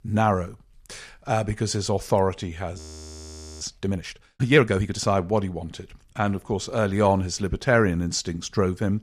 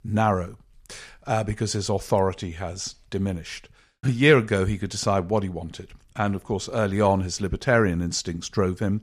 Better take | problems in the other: second | audio freezing; at 3 s for 1 s

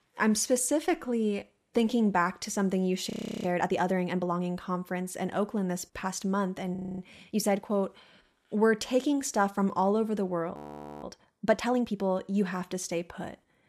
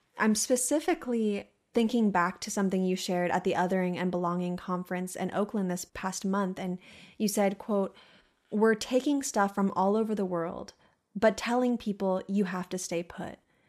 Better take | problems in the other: second | audio freezing; at 3 s, at 7 s and at 11 s

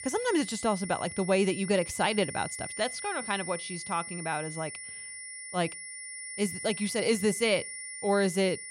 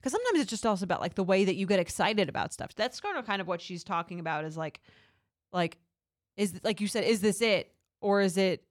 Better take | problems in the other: second | high-pitched whine; loud; throughout; 2 kHz, 8 dB below the speech

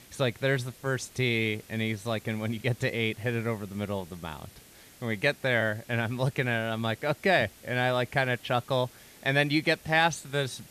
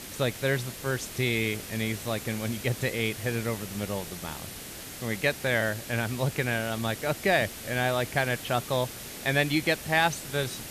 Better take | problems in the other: first | hiss; loud; throughout; 10 dB below the speech; faint in the first

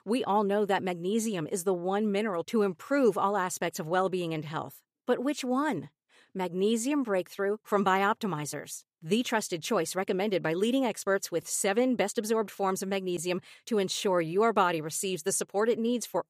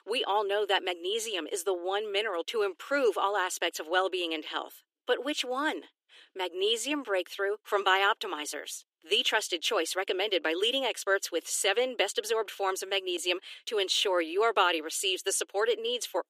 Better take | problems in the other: first | thin; somewhat; fading below 300 Hz

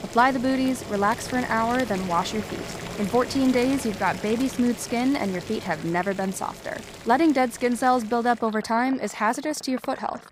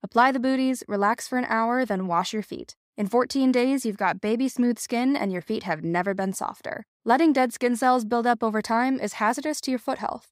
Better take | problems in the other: second | household noises; noticeable; throughout; 15 dB below the speech

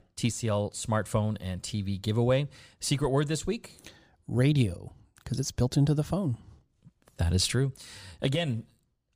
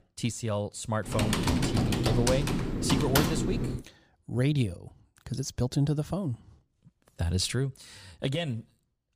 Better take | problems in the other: first | keyboard typing; loud; from 1 to 4 s; peak 5 dB above the speech

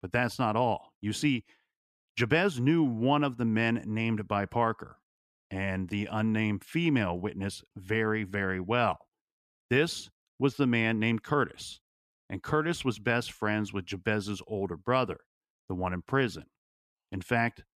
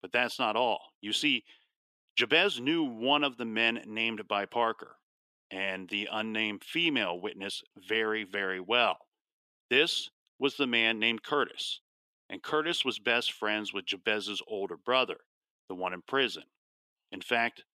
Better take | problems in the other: first | thin; somewhat; fading below 400 Hz

